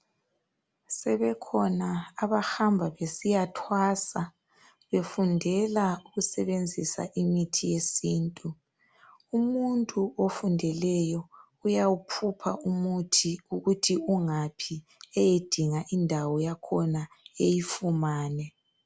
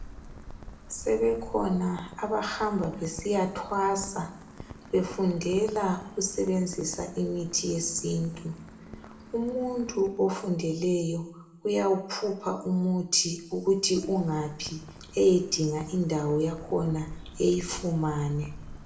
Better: first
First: none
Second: background sound (Rain); 17 dB below the speech // room echo; dies away in 0.5 s

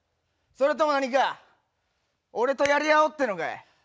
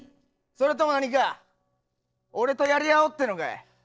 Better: first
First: none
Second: noise reduction (neural separator model SepFormer DNS4)

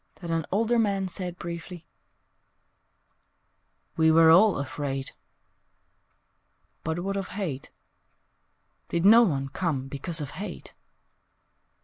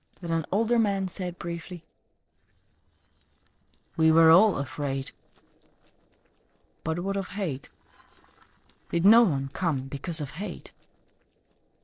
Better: first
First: none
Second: noise reduction (neural separator model SepFormer DNS4)

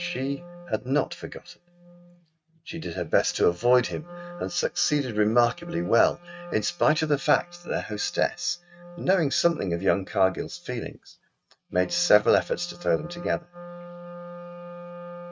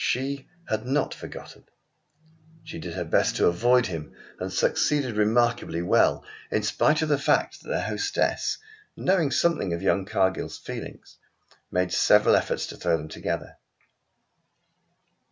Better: second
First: noise reduction (neural mask model RNNoise)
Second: none

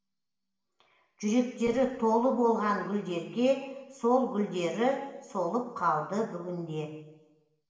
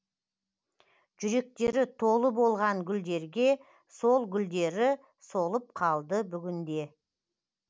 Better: second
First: room echo; dies away in 1 s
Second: none

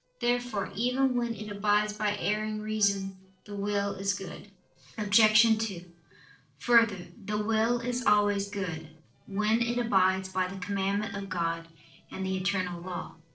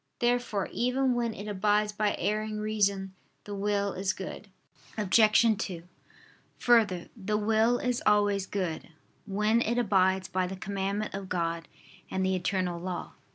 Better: second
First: noise reduction (neural separator model SepFormer DNS4)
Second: none

